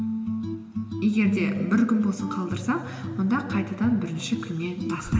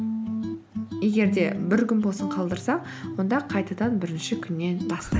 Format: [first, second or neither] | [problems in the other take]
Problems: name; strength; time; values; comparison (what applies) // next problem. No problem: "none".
second | room echo; dies away in 1.9 s